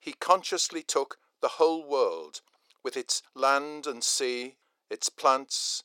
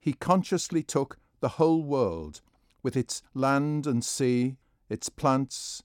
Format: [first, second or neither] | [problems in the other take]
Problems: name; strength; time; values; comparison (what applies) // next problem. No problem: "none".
second | thin; very; fading below 450 Hz